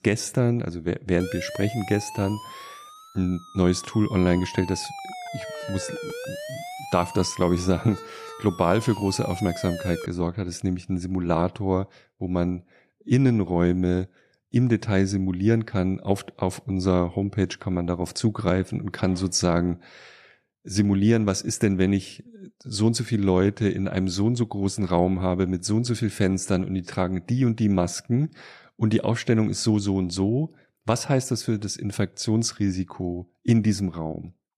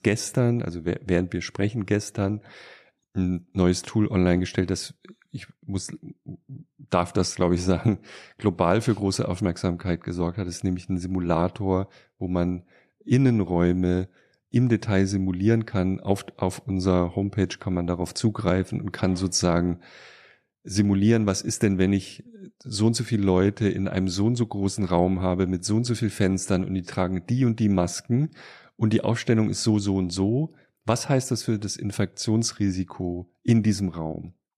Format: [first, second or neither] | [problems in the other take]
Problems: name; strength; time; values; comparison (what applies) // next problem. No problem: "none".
second | siren; noticeable; from 1 to 10 s; peak 9 dB below the speech